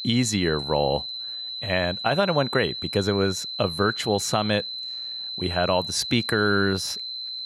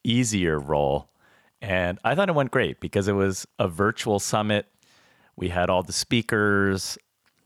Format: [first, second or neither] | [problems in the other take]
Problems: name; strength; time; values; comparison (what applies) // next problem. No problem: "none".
second | high-pitched whine; loud; throughout; 4 kHz, 6 dB below the speech